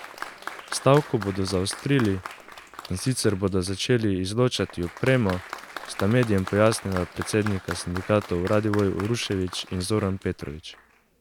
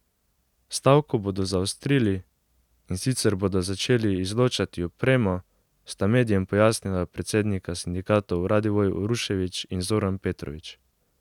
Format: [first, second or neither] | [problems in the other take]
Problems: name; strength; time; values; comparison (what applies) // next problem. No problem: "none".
second | background sound (Applause); 15 dB below the speech